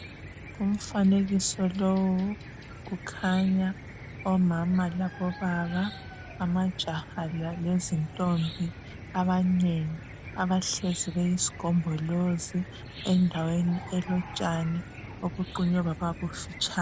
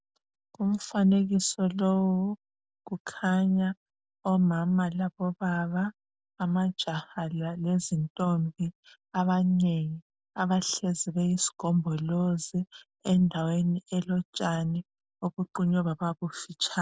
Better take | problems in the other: second | background sound (Cricket / Chicken, rooster); 14 dB below the speech

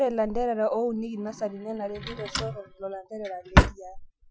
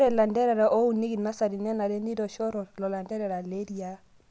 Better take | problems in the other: second | noise reduction (classical method Wiener filter)

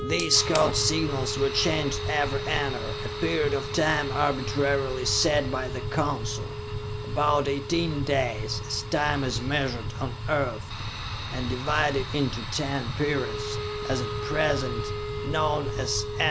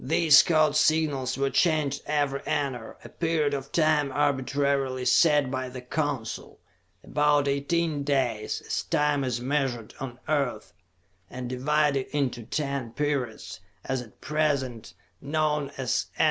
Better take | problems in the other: second | background sound (Wind instrument, woodwind instrument + Fire); 4 dB below the speech

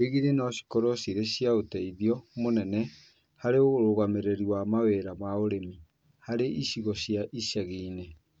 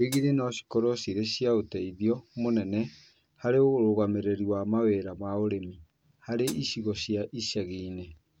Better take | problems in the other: first | background sound (Hi-hat); 18 dB below the speech

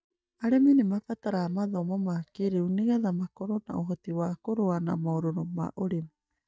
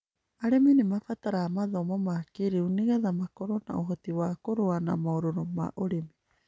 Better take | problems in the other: second | noise reduction (neural mask model DeepFilterNet 3)

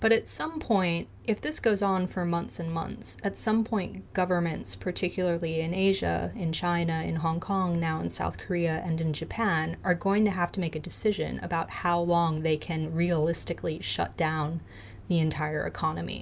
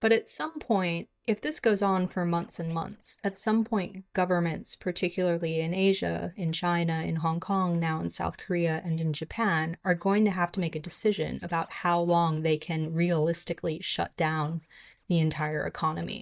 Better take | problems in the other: first | noise reduction (neural mask model DeepFilterNet 3)

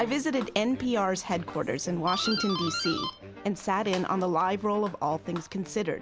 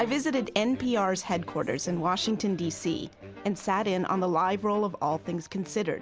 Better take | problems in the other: second | background sound (Doorbell); 11 dB below the speech

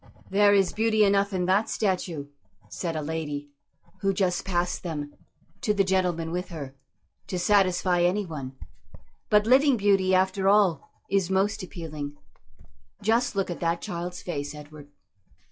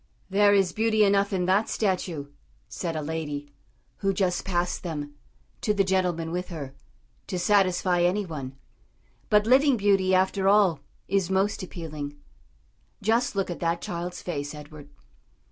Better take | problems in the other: second | noise reduction (classical method log-MMSE)

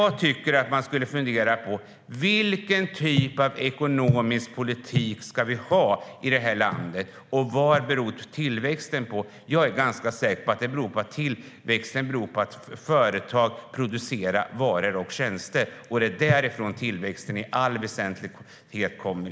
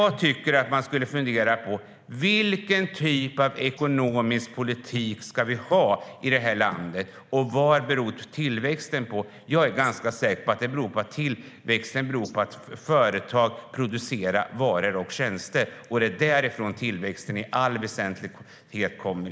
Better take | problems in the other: first | noise reduction (neural mask model Resemble Enhance denoiser)

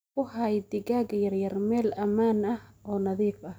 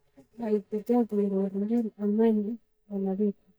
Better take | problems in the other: first | noise reduction (neural mask model DeepFilterNet 3)

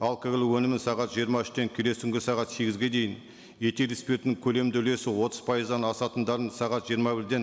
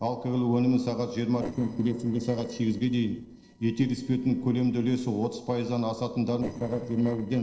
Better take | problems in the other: first | noise reduction (neural separator model SepFormer DNS4)

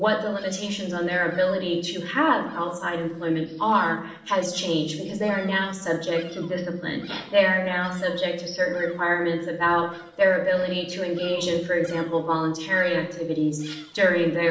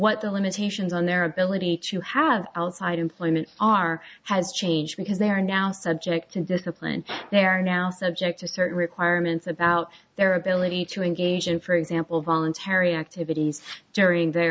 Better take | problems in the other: second | noise reduction (neural separator model SepFormer DNS4)

